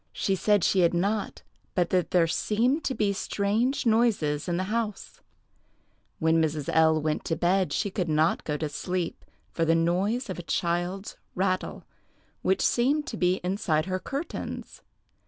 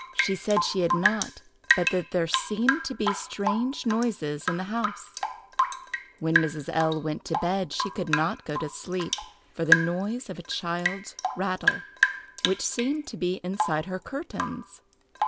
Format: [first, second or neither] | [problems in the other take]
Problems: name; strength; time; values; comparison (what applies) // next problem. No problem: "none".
first | background sound (Drip / Rain); 1 dB below the speech